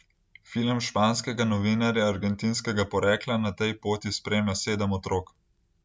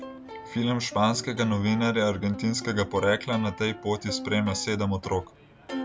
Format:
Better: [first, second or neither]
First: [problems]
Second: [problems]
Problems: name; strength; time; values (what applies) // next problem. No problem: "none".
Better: first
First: none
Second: background sound (Plucked string instrument); 13 dB below the speech